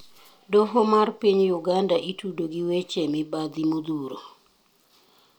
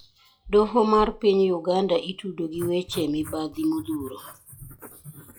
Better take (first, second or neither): first